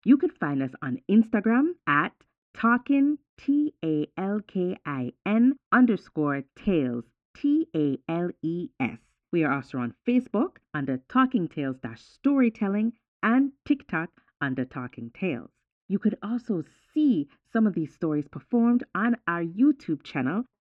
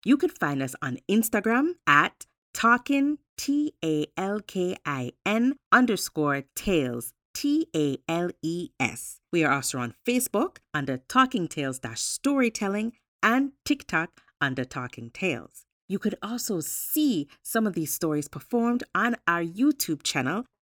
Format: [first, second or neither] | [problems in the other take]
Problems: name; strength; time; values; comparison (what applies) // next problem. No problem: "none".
second | muffled; very; fading above 2.5 kHz